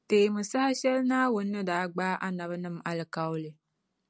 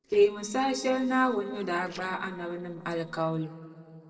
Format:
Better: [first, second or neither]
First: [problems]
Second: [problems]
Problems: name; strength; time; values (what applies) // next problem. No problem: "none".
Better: first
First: none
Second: noise reduction (neural separator model SepFormer DNS4)